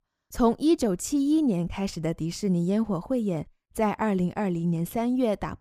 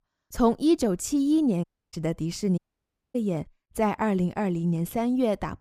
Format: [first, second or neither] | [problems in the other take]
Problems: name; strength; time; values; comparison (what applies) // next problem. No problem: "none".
first | audio cutting out; at 1.5 s and at 2.5 s for 0.5 s